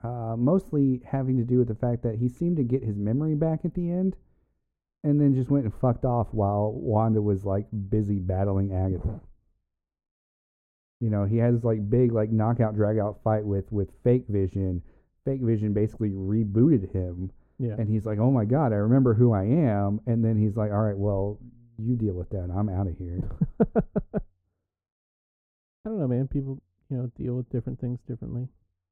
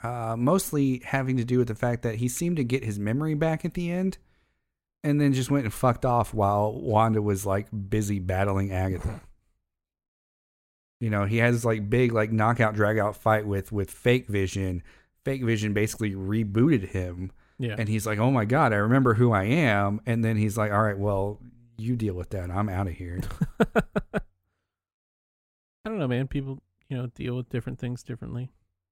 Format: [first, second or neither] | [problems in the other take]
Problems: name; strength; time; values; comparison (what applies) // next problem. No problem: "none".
second | muffled; very; fading above 1.5 kHz